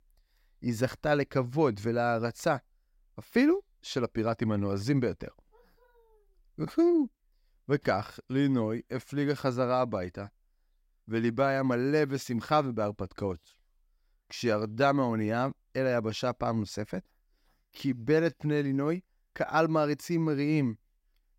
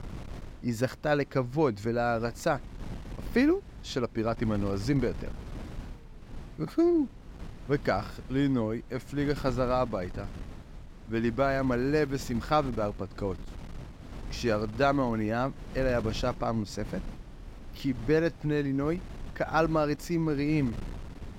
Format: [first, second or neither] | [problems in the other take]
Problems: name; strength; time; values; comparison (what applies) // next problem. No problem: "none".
first | wind noise on the microphone; occasional gusts; 20 dB below the speech